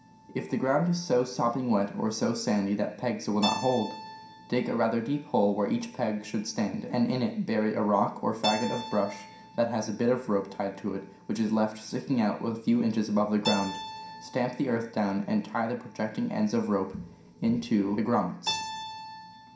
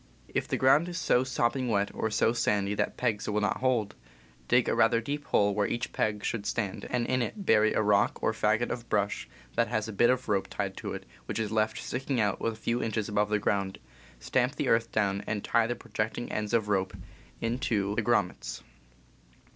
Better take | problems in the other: second | background sound (Keyboard (musical)); 14 dB below the speech // room echo; dies away in 0.5 s

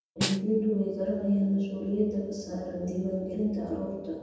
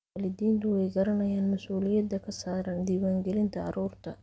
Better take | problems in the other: second | background sound (Snare drum); 6 dB below the speech // room echo; dies away in 1.1 s

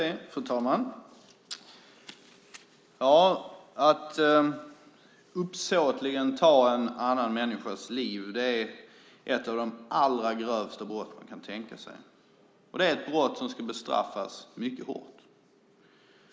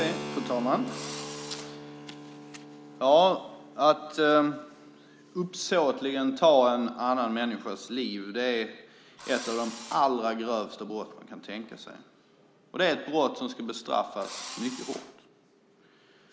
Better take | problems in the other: first | background sound (Keyboard (musical) + Engine / Drill); 16 dB below the speech

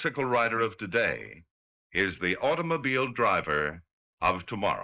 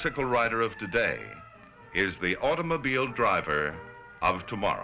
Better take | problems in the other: second | noise reduction (neural mask model Resemble Enhance denoiser)

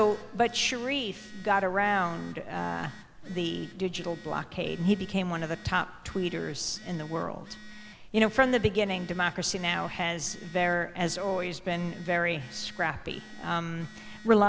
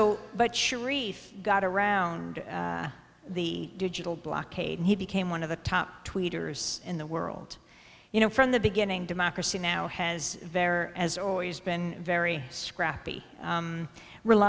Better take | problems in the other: second | background sound (Telephone); 17 dB below the speech

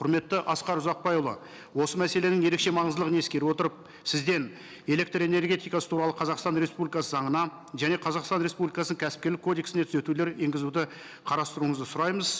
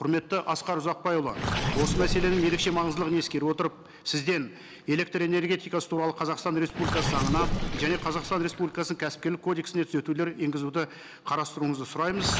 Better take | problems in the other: first | background sound (Gurgling); 6 dB below the speech

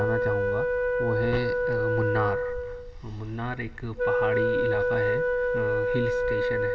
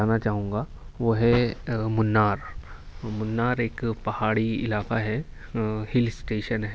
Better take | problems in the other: second | background sound (Wind instrument, woodwind instrument); 5 dB above the speech // room echo; dies away in 0.7 s

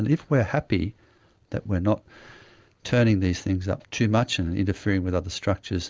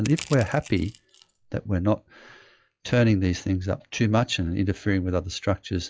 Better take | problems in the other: first | noise reduction (classical method log-MMSE)

